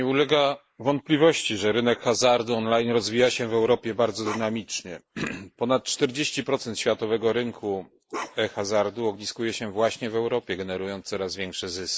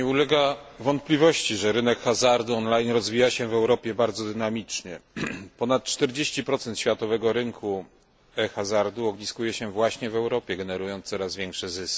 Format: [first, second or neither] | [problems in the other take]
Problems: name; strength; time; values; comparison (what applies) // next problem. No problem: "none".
second | noise reduction (neural mask model Resemble Enhance denoiser)